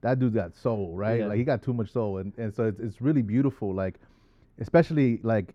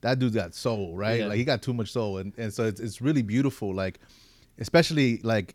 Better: second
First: muffled; very; fading above 2.5 kHz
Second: none

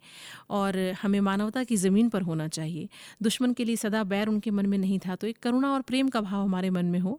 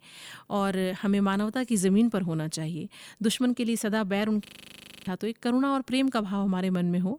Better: first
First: none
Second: audio freezing; at 4.5 s for 0.5 s

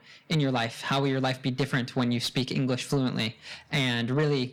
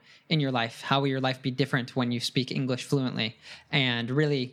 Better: second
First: distortion; slight; 10 dB below the speech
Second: none

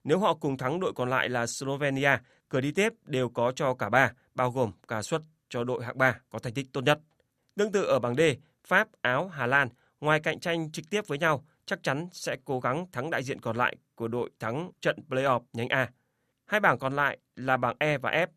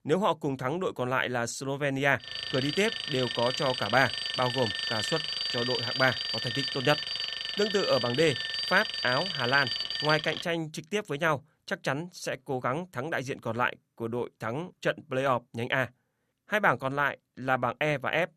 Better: first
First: none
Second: alarm; loud; from 2 to 10 s; peak level with the speech

